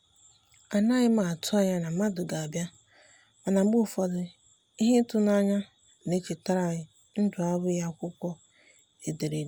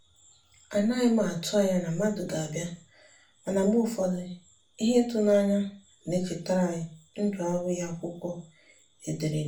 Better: first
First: none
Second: room echo; dies away in 0.3 s

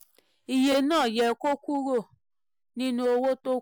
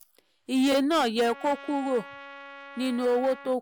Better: first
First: none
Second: background sound (Trumpet); 19 dB below the speech

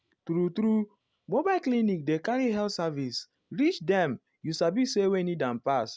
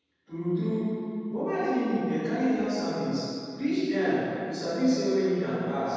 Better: first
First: none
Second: room echo; dies away in 2.1 s

